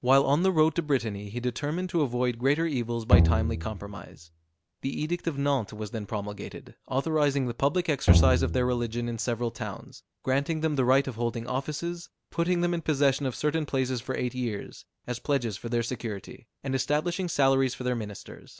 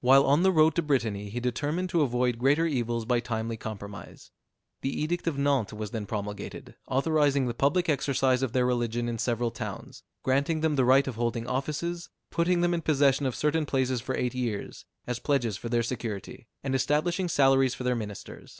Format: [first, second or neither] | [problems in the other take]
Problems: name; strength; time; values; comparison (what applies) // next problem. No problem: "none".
second | background sound (Bowed string instrument); 2 dB above the speech